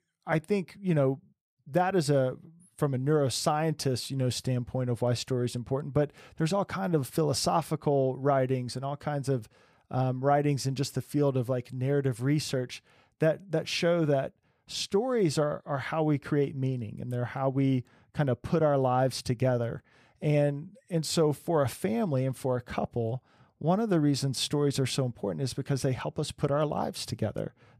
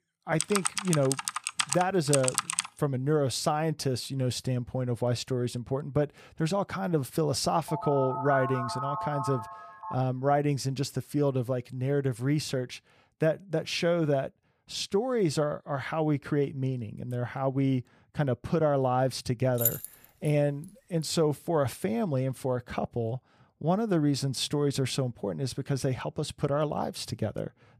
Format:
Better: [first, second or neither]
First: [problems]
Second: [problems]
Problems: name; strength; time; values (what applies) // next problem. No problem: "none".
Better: first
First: none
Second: keyboard typing; loud; until 2.5 s; peak 2 dB above the speech // phone ringing; noticeable; from 7.5 to 10 s; peak 3 dB below the speech // jangling keys; loud; at 20 s; peak 1 dB above the speech